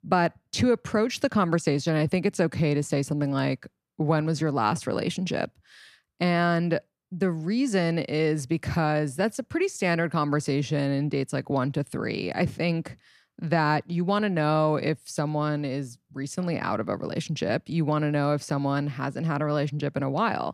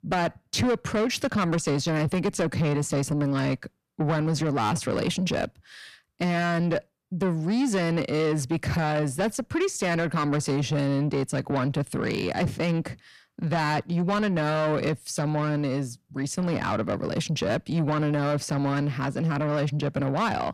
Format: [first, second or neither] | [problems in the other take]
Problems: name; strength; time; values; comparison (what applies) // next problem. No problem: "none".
first | distortion; heavy; 8 dB below the speech